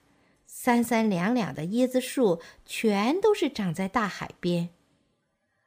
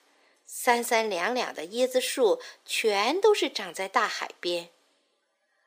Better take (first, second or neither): first